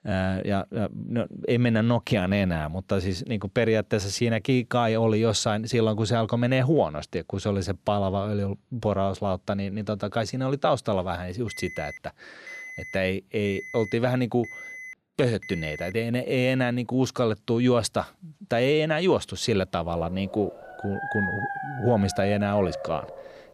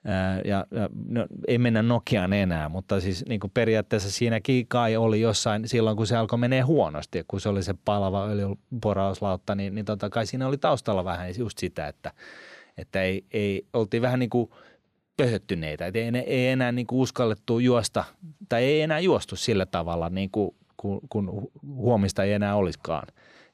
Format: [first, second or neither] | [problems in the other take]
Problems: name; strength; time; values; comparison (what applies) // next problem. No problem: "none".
second | alarm; faint; from 11 to 16 s; peak 10 dB below the speech // dog barking; noticeable; from 20 s on; peak 2 dB below the speech